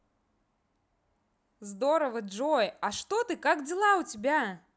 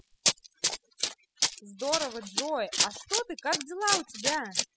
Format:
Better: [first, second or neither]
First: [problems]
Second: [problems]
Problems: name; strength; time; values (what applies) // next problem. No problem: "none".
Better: first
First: none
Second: noise reduction (classical method spectral subtraction)